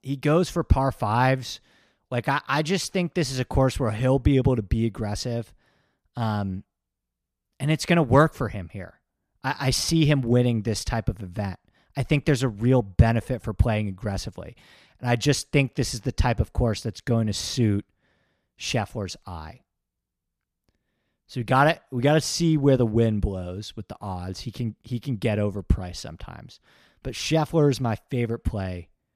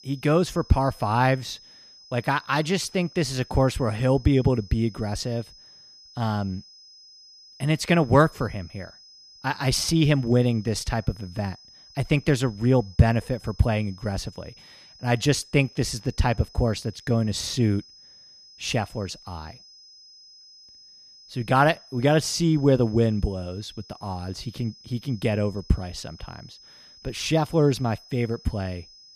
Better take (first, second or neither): first